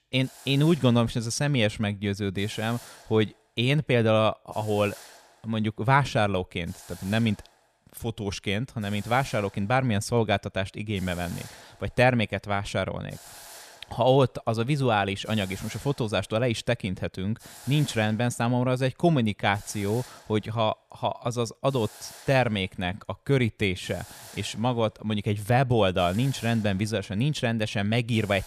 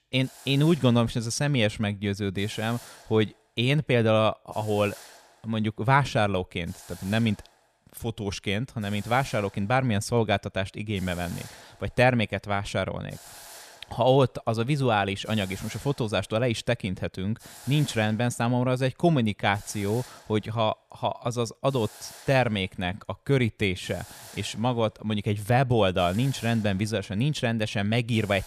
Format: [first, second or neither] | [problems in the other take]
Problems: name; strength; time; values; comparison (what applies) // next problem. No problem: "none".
neither | hiss; faint; throughout; 20 dB below the speech; the same in both